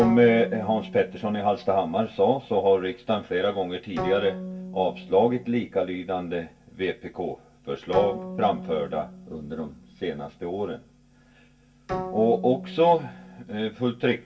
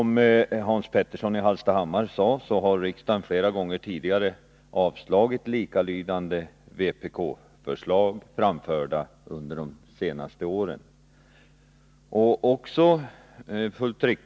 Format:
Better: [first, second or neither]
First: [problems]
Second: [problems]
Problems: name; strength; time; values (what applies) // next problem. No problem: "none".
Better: second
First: background sound (Bowed string instrument); 13 dB below the speech // room echo; dies away in 0.2 s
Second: none